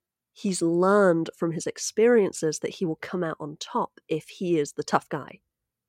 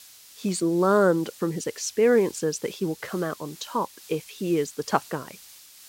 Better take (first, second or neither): first